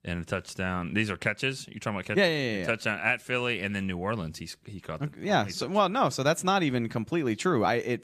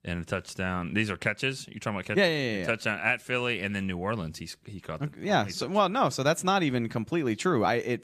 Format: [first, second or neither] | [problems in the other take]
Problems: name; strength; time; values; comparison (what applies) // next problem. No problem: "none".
neither | none